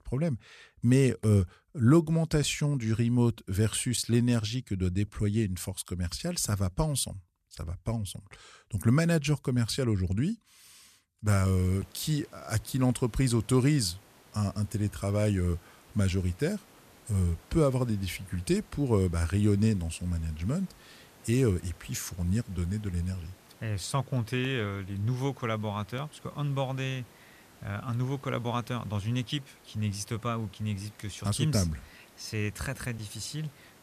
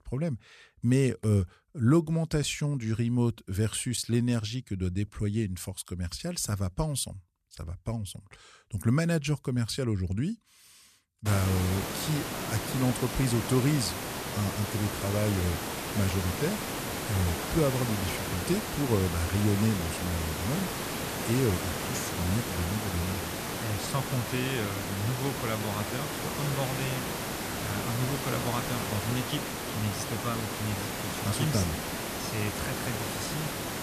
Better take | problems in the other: first | hiss; loud; from 11 s on; 2 dB below the speech; faint in the first

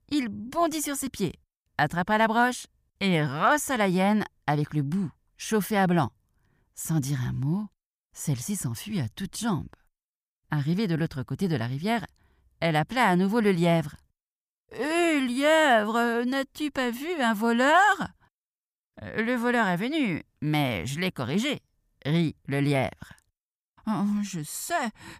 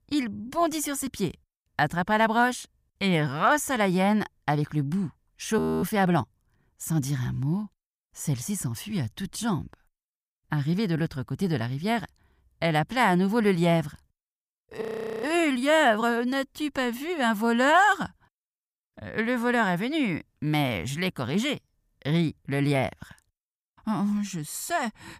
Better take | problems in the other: first | audio freezing; at 5.5 s and at 15 s

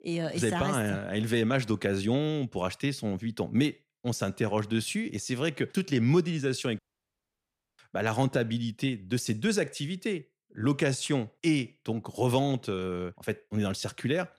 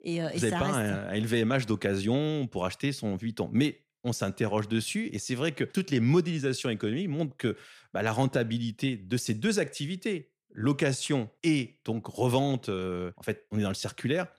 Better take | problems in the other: second | audio cutting out; at 7 s for 1 s

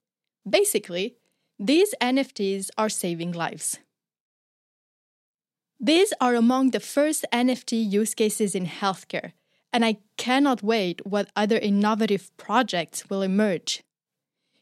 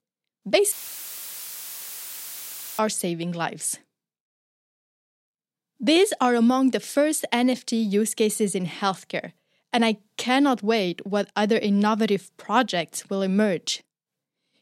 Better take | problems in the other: first | audio cutting out; filled with static; at 0.5 s for 2 s

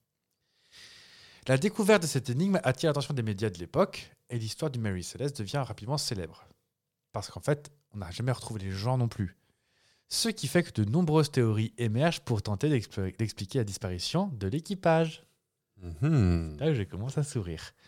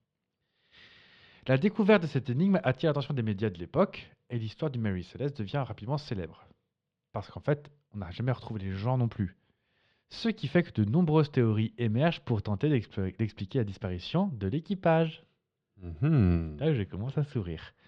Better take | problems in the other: first | muffled; slightly; fading above 3.5 kHz

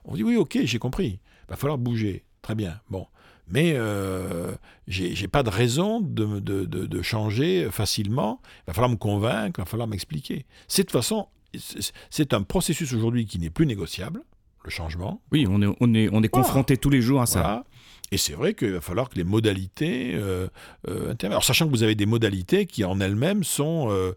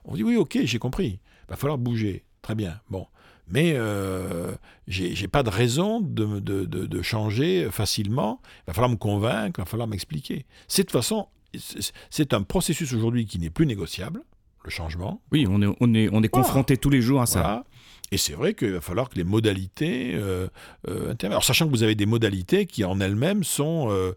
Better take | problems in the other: neither | none

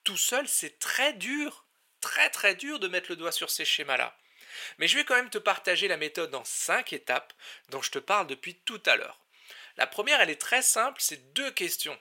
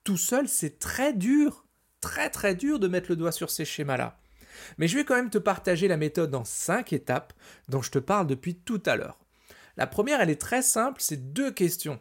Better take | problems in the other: second | thin; somewhat; fading below 550 Hz

